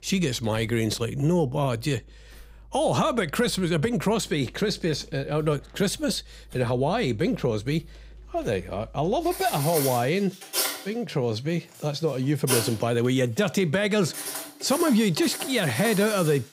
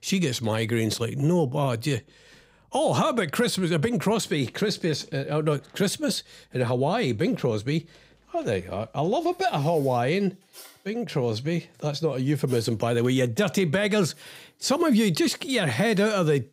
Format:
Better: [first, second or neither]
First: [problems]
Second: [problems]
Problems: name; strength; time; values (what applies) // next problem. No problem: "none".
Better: second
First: household noises; loud; throughout; 6 dB below the speech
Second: household noises; faint; throughout; 25 dB below the speech